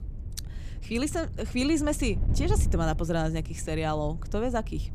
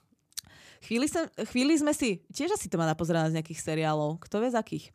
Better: second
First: wind noise on the microphone; occasional gusts; 15 dB below the speech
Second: none

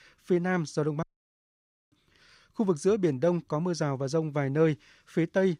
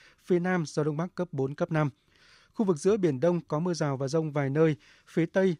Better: second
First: audio cutting out; at 1 s for 1 s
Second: none

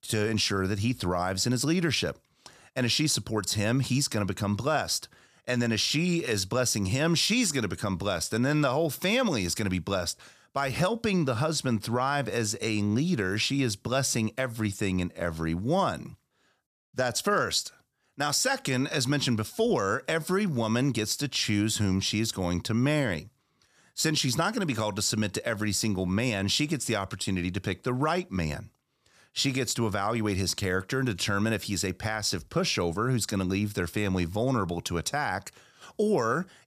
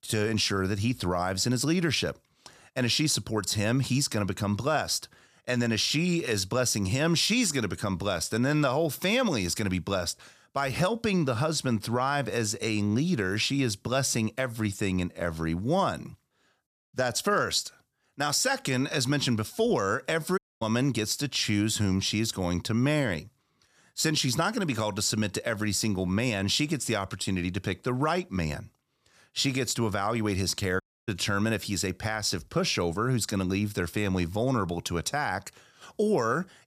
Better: first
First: none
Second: audio cutting out; at 20 s and at 31 s

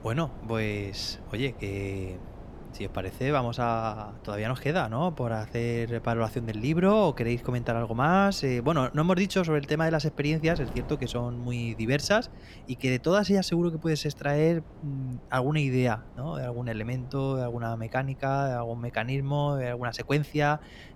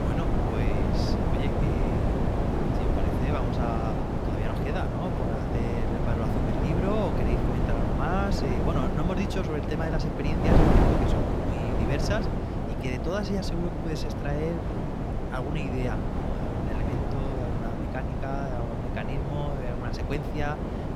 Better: first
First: wind noise on the microphone; occasional gusts; 20 dB below the speech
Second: wind noise on the microphone; heavy; 3 dB above the speech

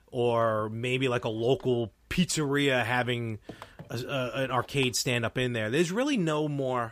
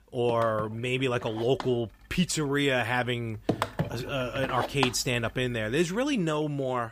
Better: first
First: household noises; faint; throughout; 25 dB below the speech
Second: household noises; loud; throughout; 8 dB below the speech

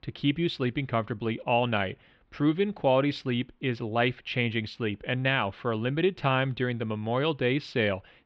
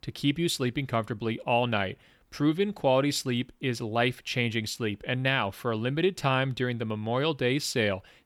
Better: second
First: muffled; slightly; fading above 3.5 kHz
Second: none

